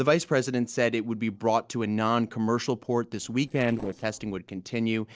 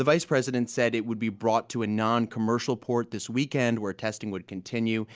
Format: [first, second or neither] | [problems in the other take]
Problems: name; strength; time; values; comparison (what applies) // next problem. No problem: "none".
second | noise reduction (neural separator model SepFormer DNS4)